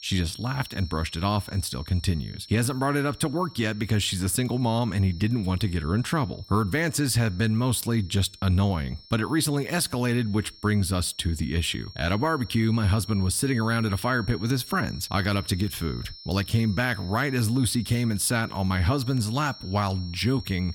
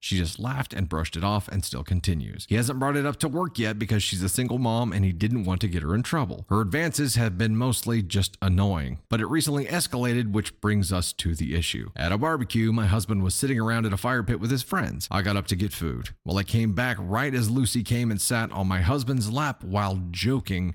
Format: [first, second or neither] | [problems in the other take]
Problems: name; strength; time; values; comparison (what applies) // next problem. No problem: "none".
second | high-pitched whine; noticeable; throughout; 5.5 kHz, 20 dB below the speech